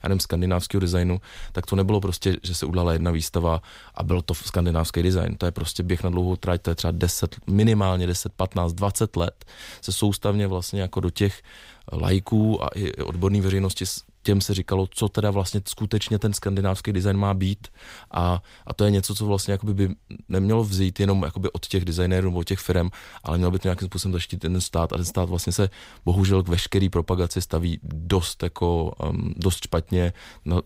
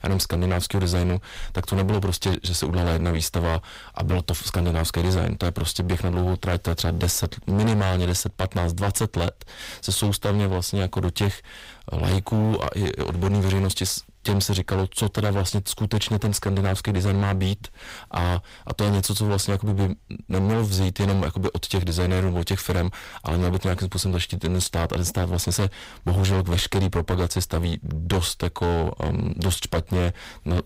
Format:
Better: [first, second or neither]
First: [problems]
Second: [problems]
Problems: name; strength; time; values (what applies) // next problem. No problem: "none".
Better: first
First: none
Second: distortion; heavy; 18% of the sound clipped